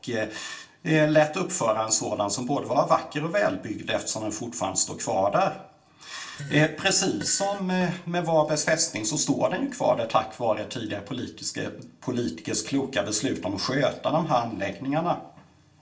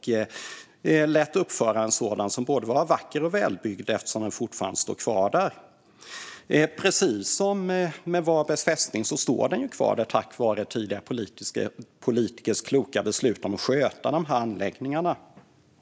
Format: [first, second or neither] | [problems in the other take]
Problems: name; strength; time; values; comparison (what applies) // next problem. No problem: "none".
second | background sound (Fart); 15 dB below the speech // room echo; dies away in 0.3 s